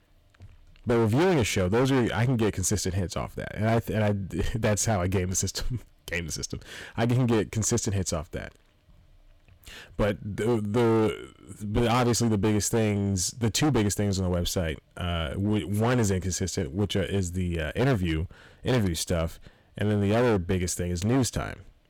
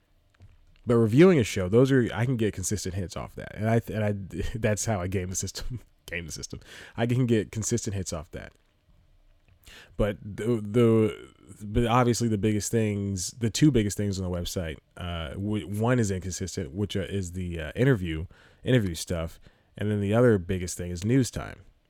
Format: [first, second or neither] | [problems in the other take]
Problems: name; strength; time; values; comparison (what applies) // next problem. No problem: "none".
second | distortion; heavy; 12% of the sound clipped